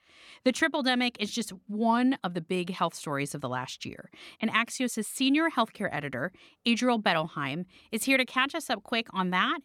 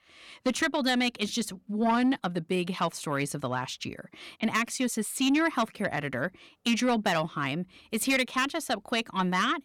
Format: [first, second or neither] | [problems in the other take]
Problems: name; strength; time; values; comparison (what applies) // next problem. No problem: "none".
first | distortion; slight; 10 dB below the speech